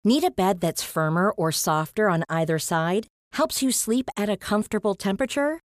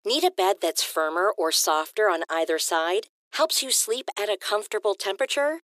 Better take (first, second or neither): first